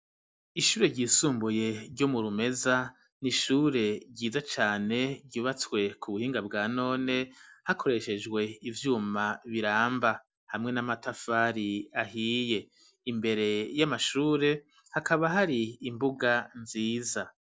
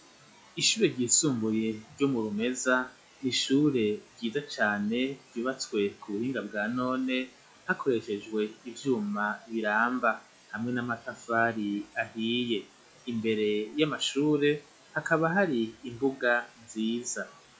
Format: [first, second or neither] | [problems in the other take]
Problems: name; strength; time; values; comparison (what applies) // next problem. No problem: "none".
first | noise reduction (classical method log-MMSE)